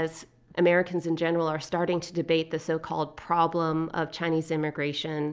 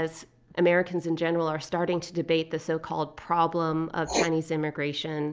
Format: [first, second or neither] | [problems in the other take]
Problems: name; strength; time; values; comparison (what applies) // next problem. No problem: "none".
first | background sound (Writing); 12 dB below the speech